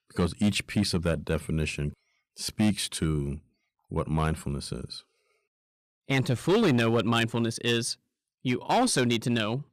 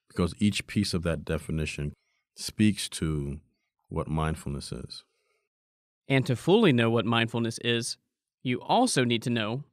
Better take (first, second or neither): second